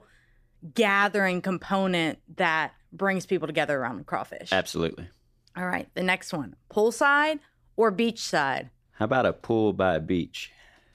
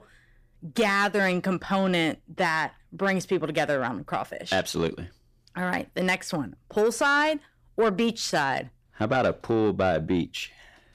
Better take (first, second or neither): first